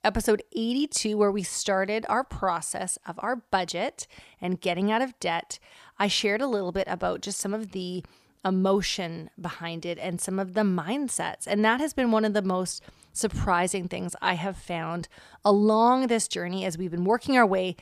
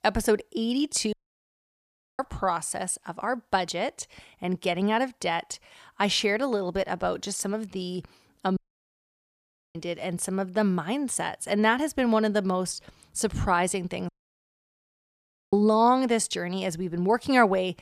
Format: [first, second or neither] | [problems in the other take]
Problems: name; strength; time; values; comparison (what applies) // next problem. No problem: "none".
first | audio cutting out; at 1 s for 1 s, at 8.5 s for 1 s and at 14 s for 1.5 s